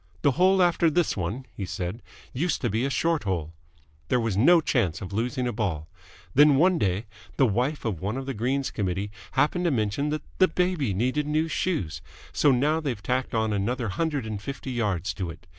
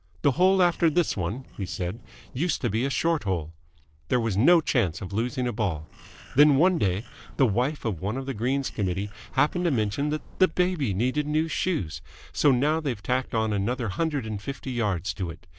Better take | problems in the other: first | noise reduction (neural separator model SepFormer DNS4)

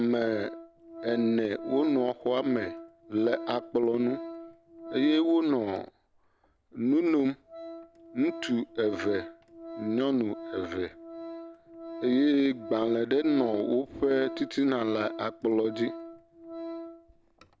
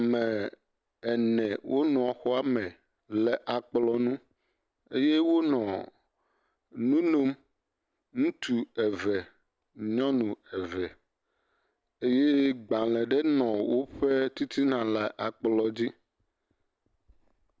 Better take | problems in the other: second | background sound (Organ); 13 dB below the speech

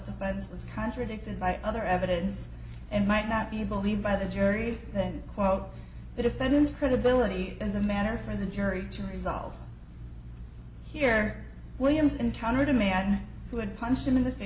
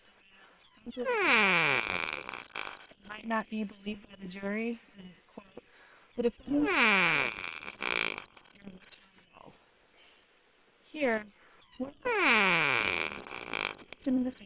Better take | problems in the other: first | noise reduction (neural separator model SepFormer WHAM!)

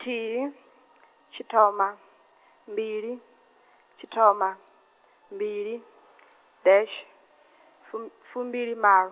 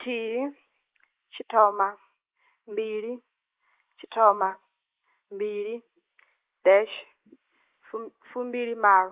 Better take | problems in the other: first | noise reduction (neural mask model Resemble Enhance denoiser)

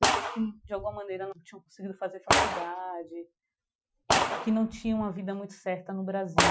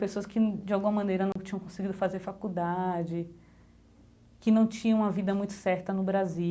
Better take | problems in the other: second | noise reduction (classical method Wiener filter)

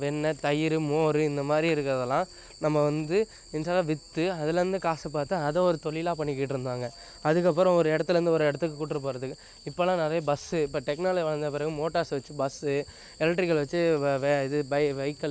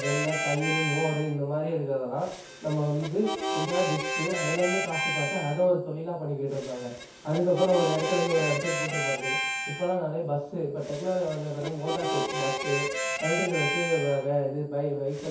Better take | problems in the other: first | background sound (Harmonica); 4 dB below the speech // room echo; dies away in 0.6 s

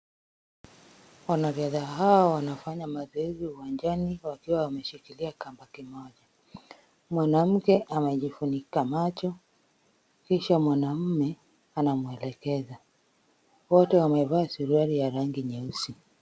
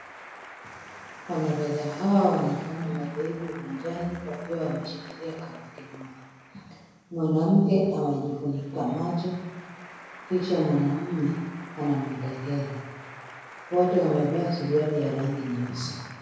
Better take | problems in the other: first | background sound (Applause); 17 dB below the speech // room echo; dies away in 1 s

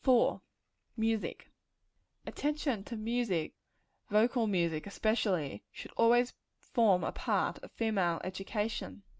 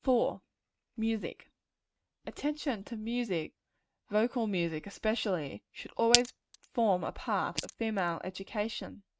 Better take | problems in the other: first | noise reduction (neural mask model RNNoise)

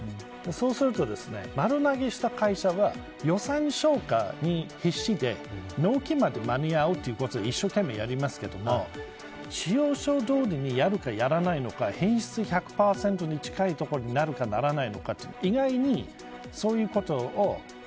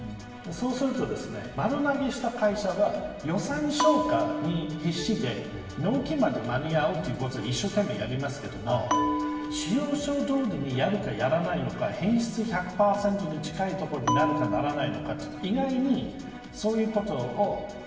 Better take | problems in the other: first | background sound (Bell); 5 dB below the speech // room echo; dies away in 1.2 s

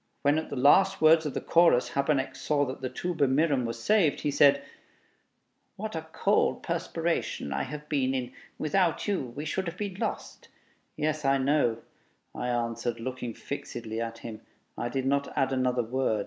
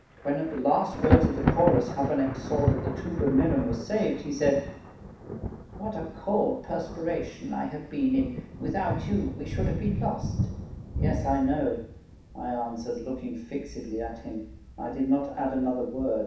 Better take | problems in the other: first | background sound (Thunder); 3 dB below the speech // room echo; dies away in 0.7 s

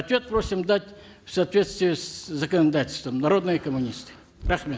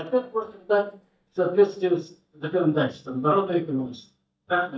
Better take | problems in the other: first | noise reduction (neural mask model DeepFilterNet 3)

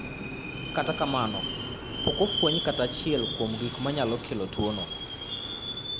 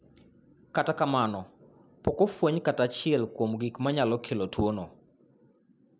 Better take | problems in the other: second | background sound (Subway, metro, underground); 3 dB below the speech

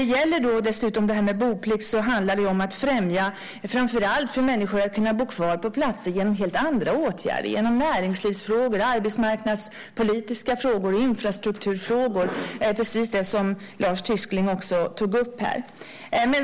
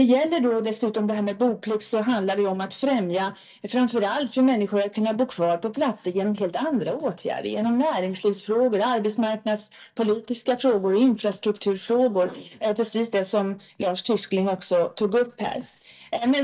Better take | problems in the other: first | noise reduction (neural mask model DeepFilterNet 3)

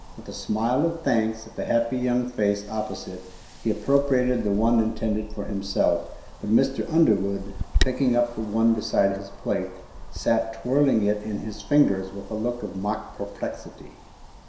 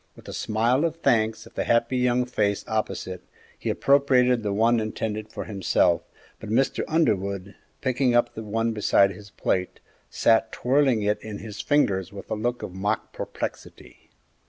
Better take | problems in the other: second | background sound (Wind); 9 dB below the speech // room echo; dies away in 0.7 s

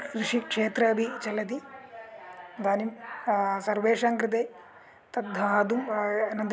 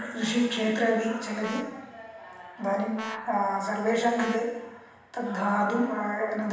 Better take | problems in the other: first | background sound (Brass instrument); 14 dB below the speech // room echo; dies away in 1.1 s

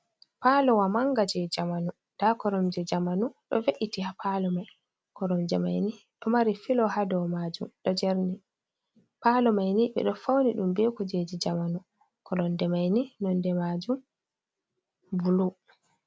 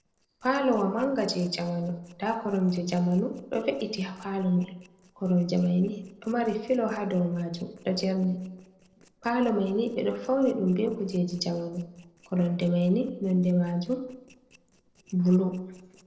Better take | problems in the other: first | noise reduction (neural separator model SepFormer DNS4)

